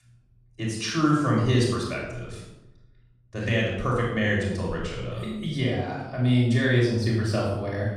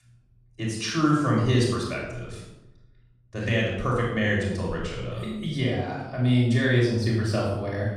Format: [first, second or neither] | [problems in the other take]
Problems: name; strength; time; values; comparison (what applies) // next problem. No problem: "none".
neither | room echo; noticeable; dies away in 0.8 s; the same in both // off-mic speech; far; the same in both